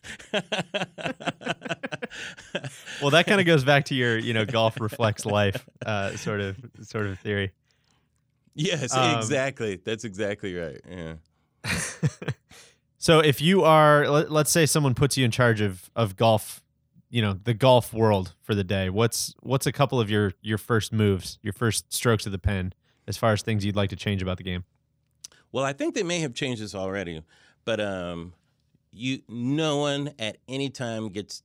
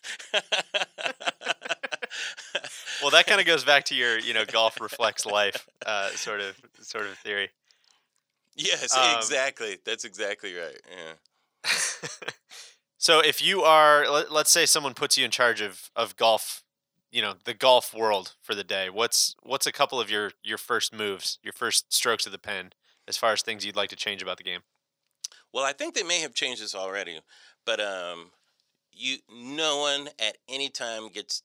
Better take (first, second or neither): first